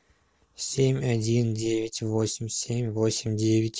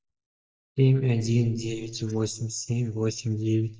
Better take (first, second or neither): first